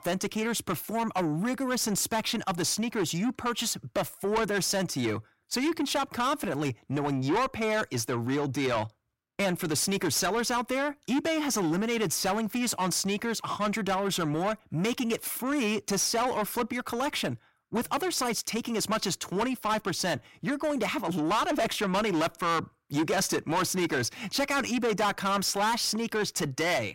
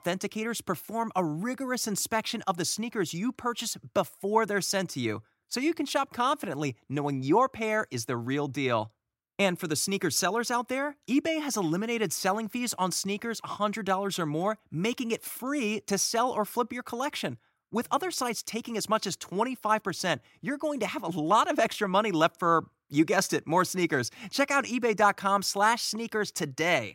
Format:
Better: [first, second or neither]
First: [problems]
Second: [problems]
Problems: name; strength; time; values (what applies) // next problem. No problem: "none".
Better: second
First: distortion; heavy; 7 dB below the speech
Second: none